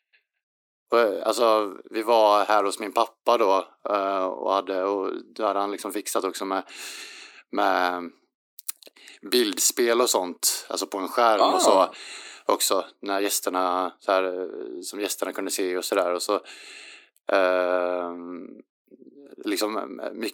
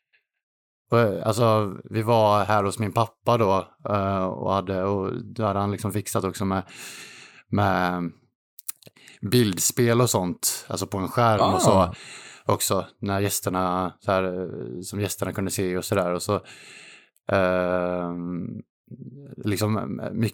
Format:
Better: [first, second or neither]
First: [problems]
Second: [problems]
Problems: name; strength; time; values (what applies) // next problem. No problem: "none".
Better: second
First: thin; somewhat; fading below 300 Hz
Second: none